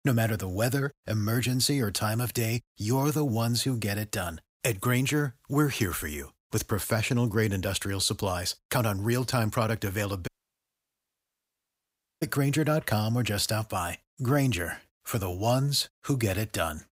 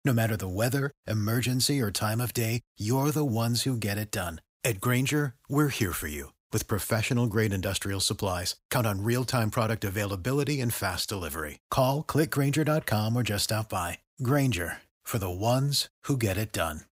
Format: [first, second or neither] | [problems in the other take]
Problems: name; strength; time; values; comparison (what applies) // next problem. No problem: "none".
second | audio cutting out; at 10 s for 2 s